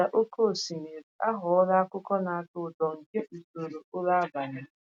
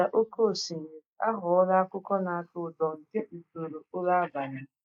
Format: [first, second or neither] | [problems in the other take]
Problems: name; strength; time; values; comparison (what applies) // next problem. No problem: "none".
first | noise reduction (neural mask model Resemble Enhance denoiser)